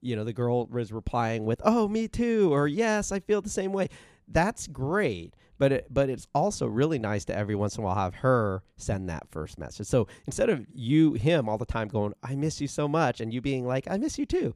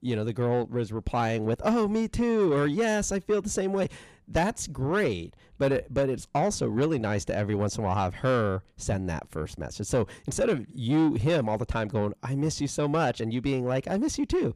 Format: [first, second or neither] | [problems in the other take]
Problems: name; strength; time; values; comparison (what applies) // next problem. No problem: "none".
first | distortion; slight; 10 dB below the speech